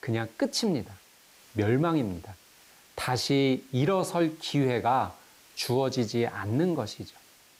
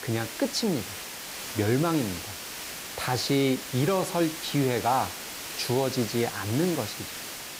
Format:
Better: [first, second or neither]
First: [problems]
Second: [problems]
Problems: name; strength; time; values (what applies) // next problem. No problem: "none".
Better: first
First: hiss; faint; throughout; 25 dB below the speech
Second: hiss; loud; throughout; 7 dB below the speech